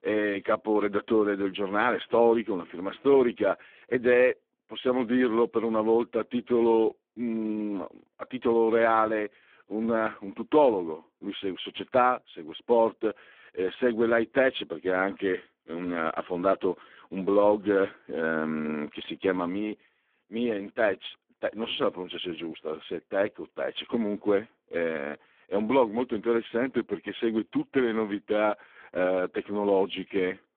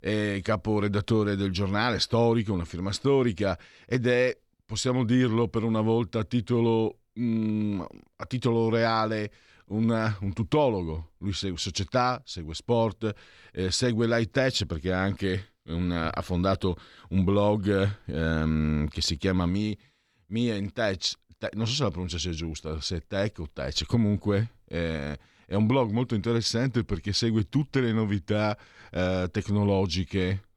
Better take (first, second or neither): second